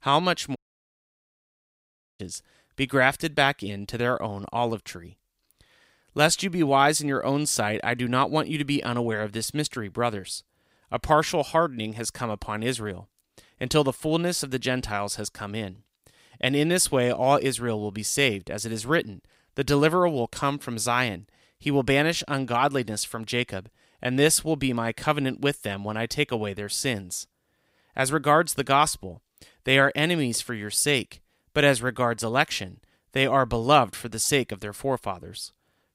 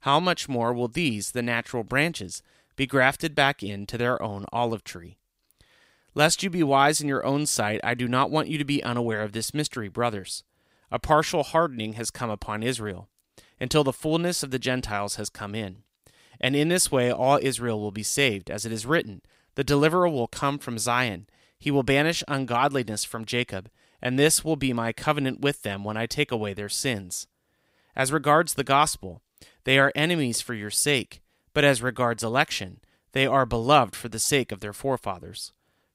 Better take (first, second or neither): second